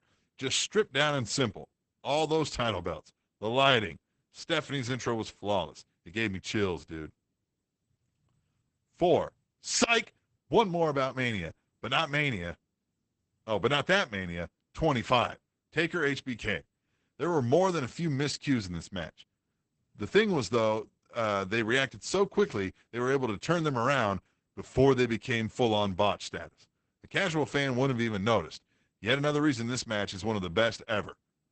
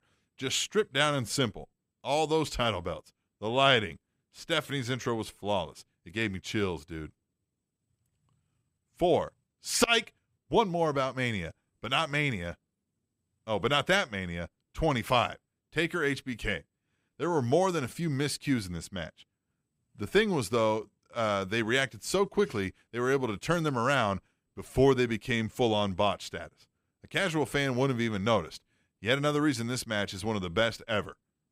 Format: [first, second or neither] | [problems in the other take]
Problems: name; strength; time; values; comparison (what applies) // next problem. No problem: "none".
second | garbled, watery; badly; nothing above 8 kHz